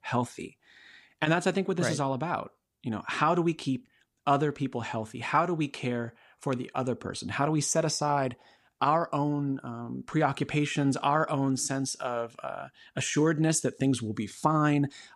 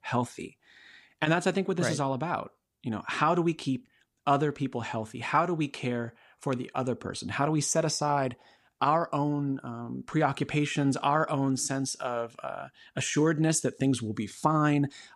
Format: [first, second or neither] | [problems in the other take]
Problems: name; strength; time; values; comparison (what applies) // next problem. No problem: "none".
neither | none